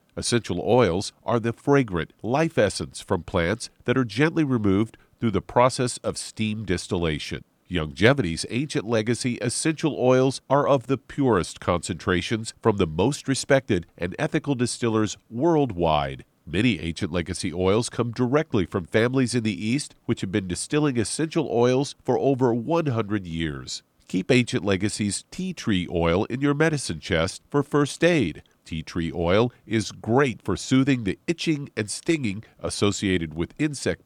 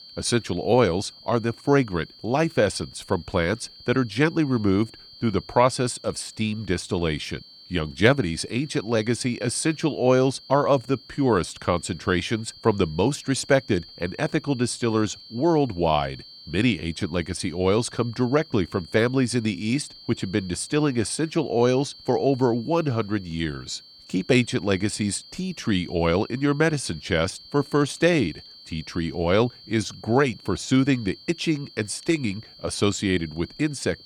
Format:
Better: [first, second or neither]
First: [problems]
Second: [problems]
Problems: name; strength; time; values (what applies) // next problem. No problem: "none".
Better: first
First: none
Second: high-pitched whine; noticeable; throughout; 4.5 kHz, 20 dB below the speech